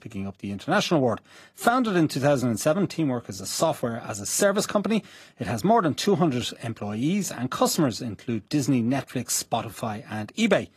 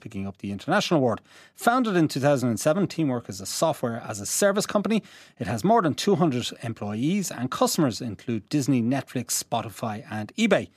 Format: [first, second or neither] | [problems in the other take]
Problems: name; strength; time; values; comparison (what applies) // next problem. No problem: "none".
second | garbled, watery; slightly; nothing above 14.5 kHz